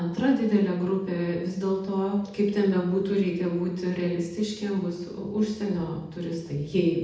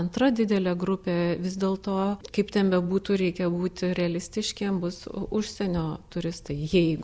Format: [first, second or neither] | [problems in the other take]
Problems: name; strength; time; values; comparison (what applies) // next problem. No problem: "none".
second | room echo; dies away in 0.8 s